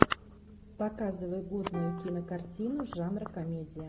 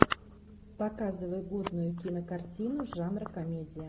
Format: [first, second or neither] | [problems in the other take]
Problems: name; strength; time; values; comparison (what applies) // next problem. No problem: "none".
second | background sound (Plucked string instrument); 15 dB below the speech